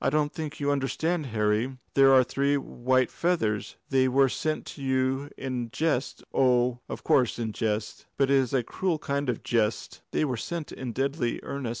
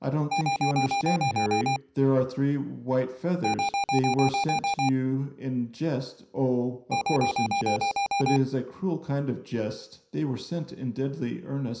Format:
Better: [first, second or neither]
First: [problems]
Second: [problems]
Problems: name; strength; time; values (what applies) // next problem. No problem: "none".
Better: first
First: none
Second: background sound (Alarm); 1 dB above the speech // room echo; dies away in 0.5 s